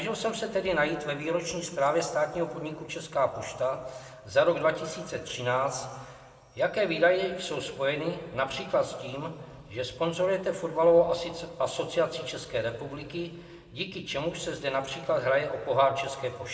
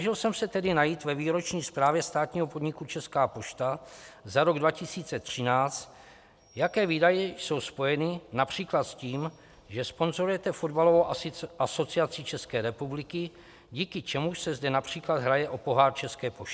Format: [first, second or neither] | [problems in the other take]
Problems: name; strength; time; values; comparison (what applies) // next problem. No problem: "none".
second | room echo; dies away in 1.4 s